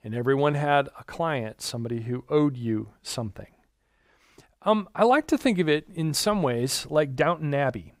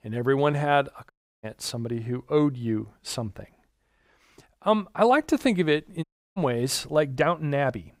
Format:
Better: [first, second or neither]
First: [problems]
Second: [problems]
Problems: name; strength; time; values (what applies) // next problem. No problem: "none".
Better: first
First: none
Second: audio cutting out; at 1 s and at 6 s